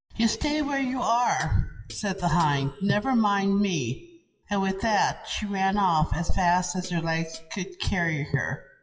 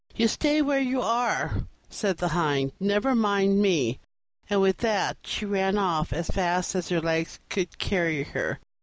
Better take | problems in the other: second | noise reduction (classical method WPE with log-MMSE)

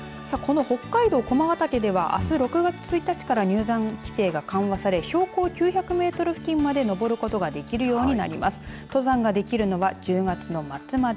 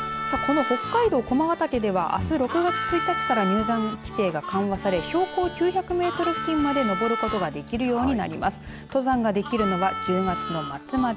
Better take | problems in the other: first | background sound (Harmonica); 7 dB below the speech

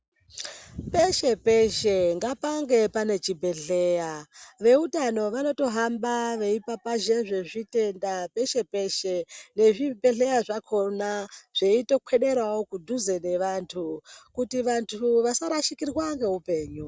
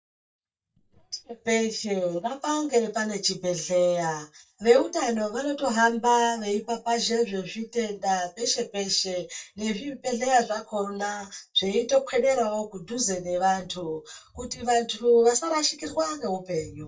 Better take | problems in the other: first | noise reduction (neural mask model DeepFilterNet 3)

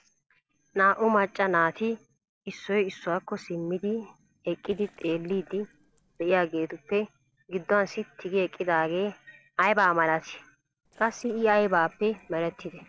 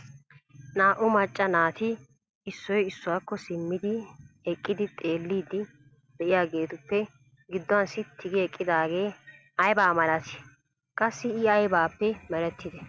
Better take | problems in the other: second | noise reduction (neural separator model SepFormer DNS4)

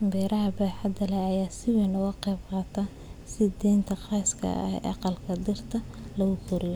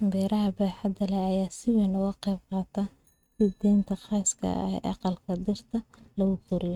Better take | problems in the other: first | noise reduction (neural mask model RNNoise)

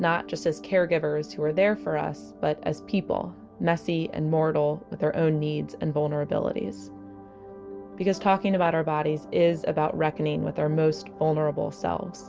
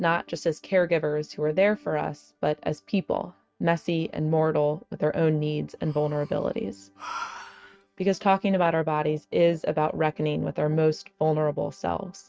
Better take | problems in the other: first | noise reduction (neural mask model RNNoise)

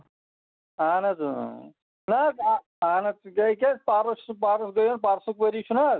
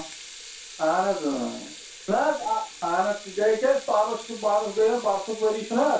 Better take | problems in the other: first | background sound (Sink (filling or washing) / Water tap, faucet); 17 dB below the speech // room echo; dies away in 0.3 s

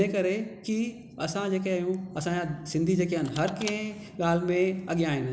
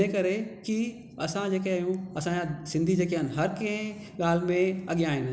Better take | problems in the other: second | background sound (Car); 19 dB below the speech

